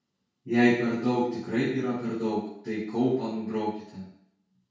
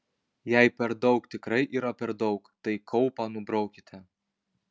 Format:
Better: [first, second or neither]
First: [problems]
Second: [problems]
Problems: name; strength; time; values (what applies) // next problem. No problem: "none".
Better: second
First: room echo; dies away in 0.6 s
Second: none